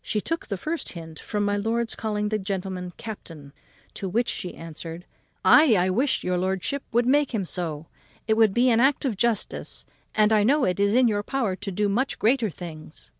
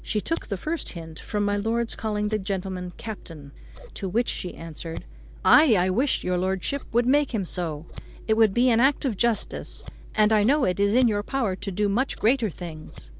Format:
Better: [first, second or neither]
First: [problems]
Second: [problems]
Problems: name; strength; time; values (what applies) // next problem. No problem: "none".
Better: first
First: none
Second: background sound (Scissors); 15 dB below the speech